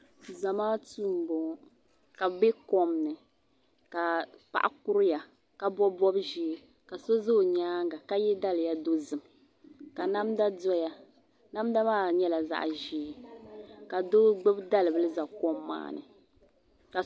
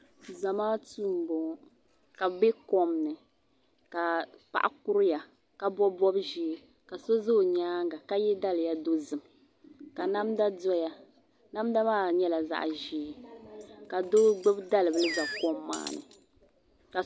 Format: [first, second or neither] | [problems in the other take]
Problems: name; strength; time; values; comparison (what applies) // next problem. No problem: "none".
first | background sound (Cutlery, silverware + Animal); 13 dB below the speech